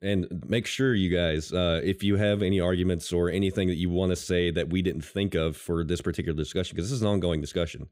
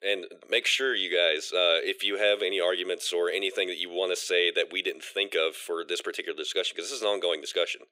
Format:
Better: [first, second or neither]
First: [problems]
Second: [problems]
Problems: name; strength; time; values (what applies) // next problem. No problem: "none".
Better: first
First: none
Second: thin; very; fading below 400 Hz